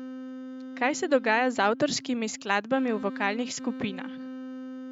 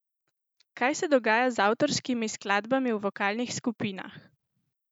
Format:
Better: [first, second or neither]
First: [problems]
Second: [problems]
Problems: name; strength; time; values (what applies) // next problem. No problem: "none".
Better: second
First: noise reduction (neural mask model RNNoise)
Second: none